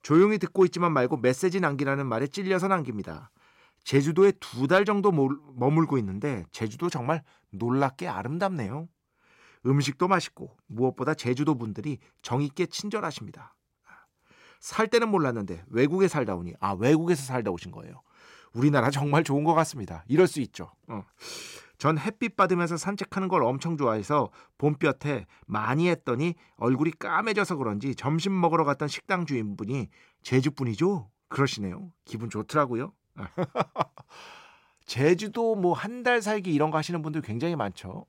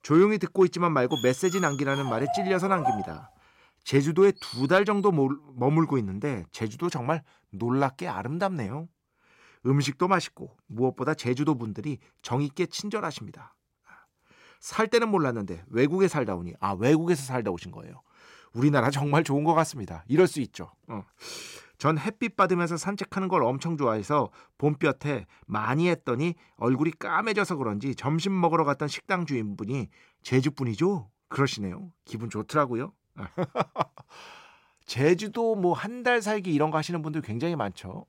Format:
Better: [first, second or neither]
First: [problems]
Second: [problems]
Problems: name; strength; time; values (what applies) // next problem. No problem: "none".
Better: first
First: none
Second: dog barking; noticeable; from 1 to 4.5 s; peak 3 dB below the speech